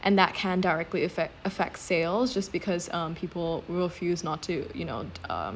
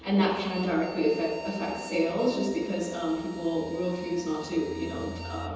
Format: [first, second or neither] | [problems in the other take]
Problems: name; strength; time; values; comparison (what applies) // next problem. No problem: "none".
first | background sound (Bowed string instrument); 16 dB below the speech // room echo; dies away in 1.1 s